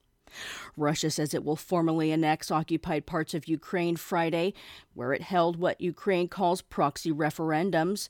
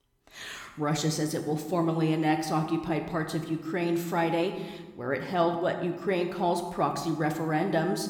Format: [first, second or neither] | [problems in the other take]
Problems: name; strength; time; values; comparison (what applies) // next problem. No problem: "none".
first | room echo; slight; dies away in 1 s